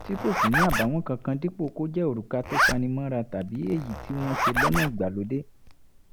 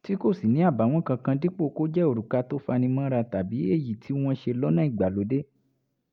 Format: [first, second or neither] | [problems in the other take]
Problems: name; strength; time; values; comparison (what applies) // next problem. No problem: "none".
second | background sound (Zipper (clothing)); 1 dB below the speech